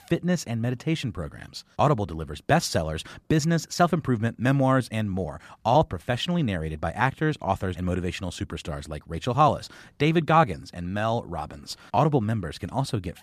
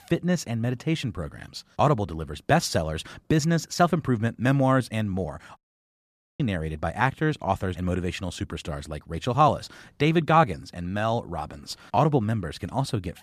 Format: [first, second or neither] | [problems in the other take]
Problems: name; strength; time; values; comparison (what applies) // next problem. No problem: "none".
first | audio cutting out; at 5.5 s for 1 s